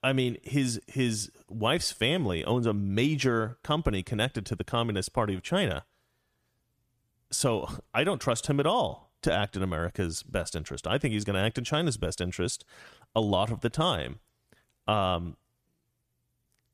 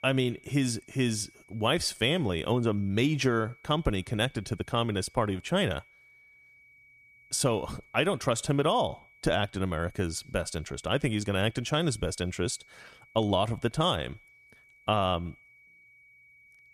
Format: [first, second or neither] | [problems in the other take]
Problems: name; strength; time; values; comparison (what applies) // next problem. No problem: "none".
first | high-pitched whine; faint; throughout; 2.5 kHz, 25 dB below the speech